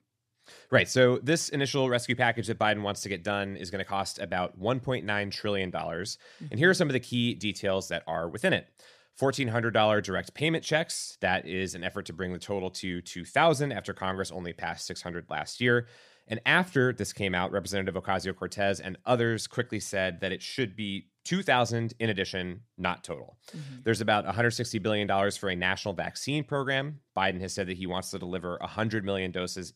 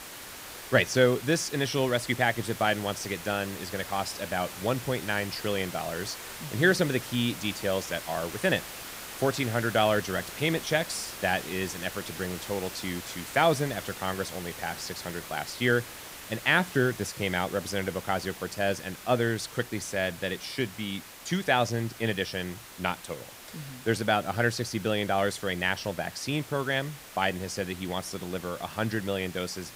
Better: first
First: none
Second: hiss; noticeable; throughout; 10 dB below the speech

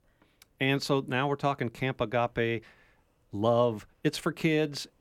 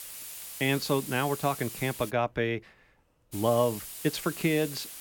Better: first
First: none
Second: hiss; loud; until 2 s and from 3.5 s on; 10 dB below the speech

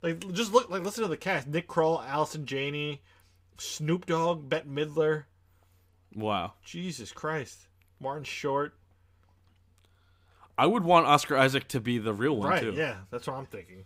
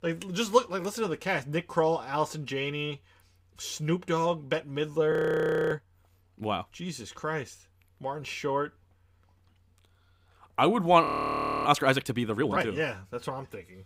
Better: first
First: none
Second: audio freezing; at 5 s for 0.5 s and at 11 s for 0.5 s

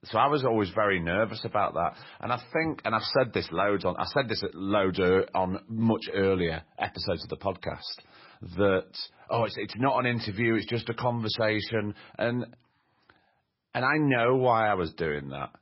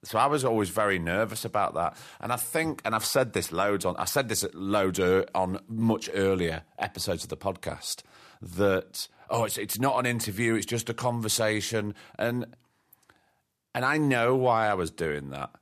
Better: second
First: garbled, watery; badly; nothing above 5.5 kHz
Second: none

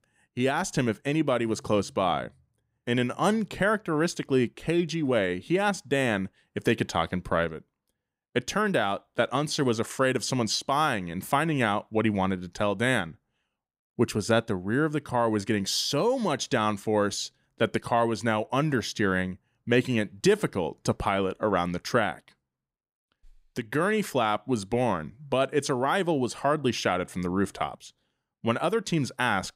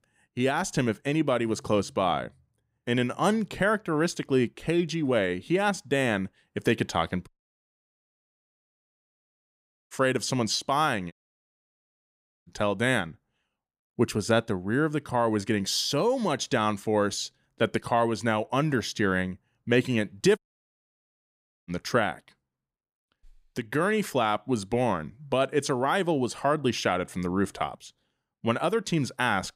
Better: first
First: none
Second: audio cutting out; at 7.5 s for 2.5 s, at 11 s for 1.5 s and at 20 s for 1.5 s

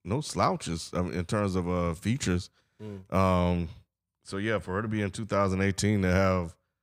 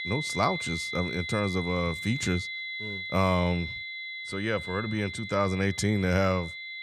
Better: first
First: none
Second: high-pitched whine; loud; throughout; 2 kHz, 6 dB below the speech

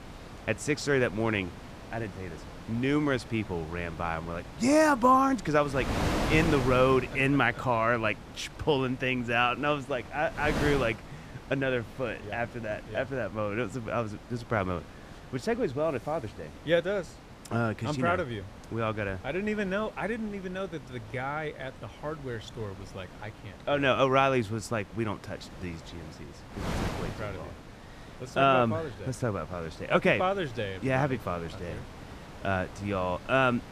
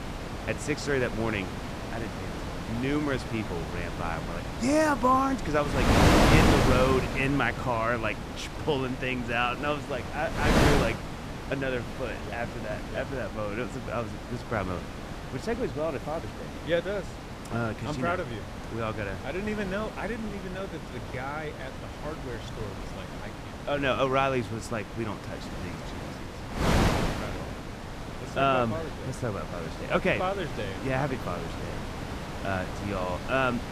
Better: first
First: wind noise on the microphone; occasional gusts; 15 dB below the speech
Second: wind noise on the microphone; heavy; 4 dB below the speech

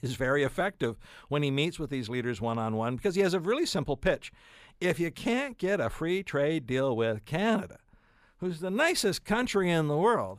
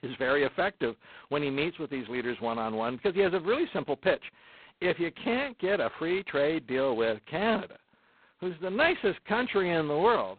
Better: first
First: none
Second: phone-call audio; poor line; nothing above 4 kHz

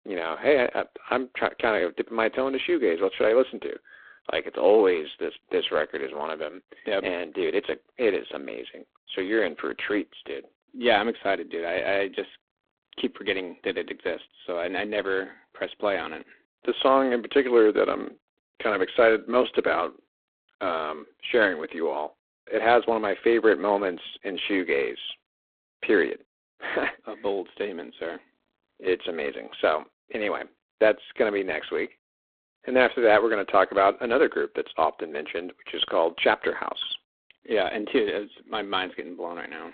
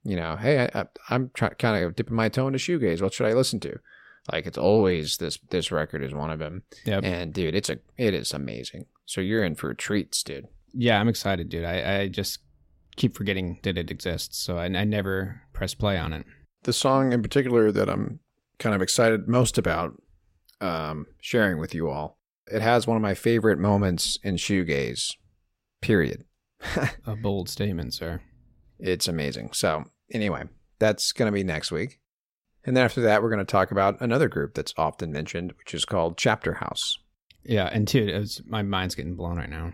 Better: second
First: phone-call audio; poor line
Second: none

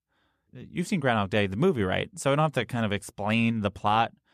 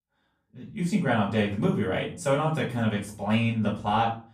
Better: first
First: none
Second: off-mic speech; far // room echo; slight; dies away in 0.4 s

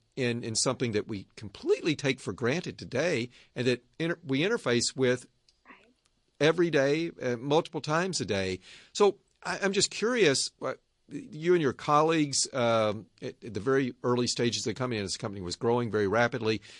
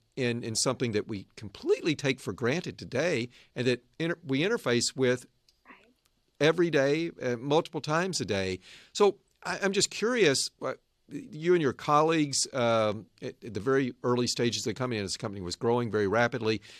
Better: second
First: garbled, watery; slightly; nothing above 9.5 kHz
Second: none

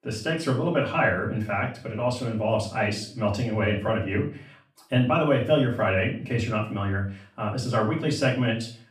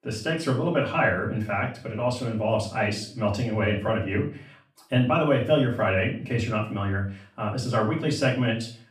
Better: neither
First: off-mic speech; far // room echo; noticeable; dies away in 0.4 s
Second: off-mic speech; far // room echo; noticeable; dies away in 0.4 s

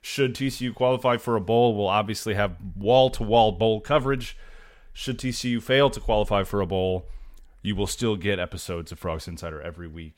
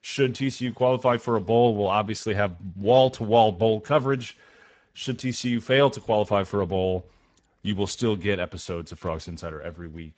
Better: first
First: none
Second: garbled, watery; badly; nothing above 8 kHz

